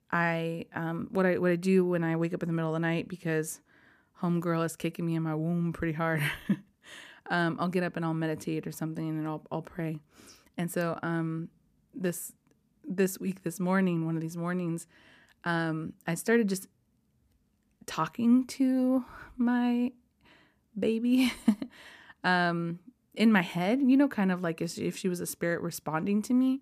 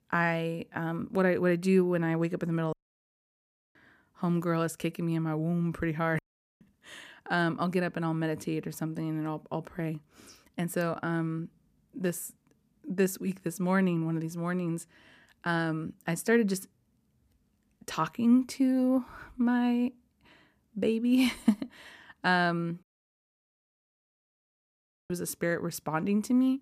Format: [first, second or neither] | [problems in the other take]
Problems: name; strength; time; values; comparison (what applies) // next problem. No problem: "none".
first | audio cutting out; at 2.5 s for 1 s, at 6 s and at 23 s for 2.5 s